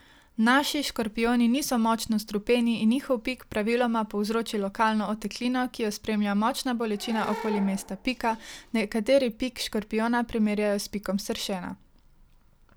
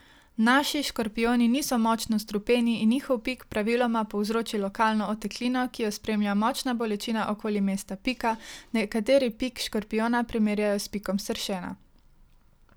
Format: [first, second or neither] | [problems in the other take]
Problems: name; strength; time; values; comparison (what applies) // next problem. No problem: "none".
second | background sound (Animal / Brass instrument); 14 dB below the speech